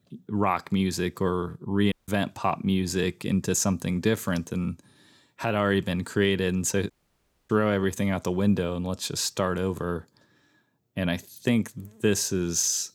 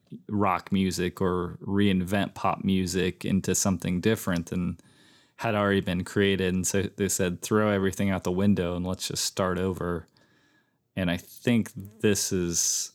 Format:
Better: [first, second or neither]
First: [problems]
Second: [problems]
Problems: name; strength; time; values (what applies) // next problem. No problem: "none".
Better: second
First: audio cutting out; at 2 s and at 7 s for 0.5 s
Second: none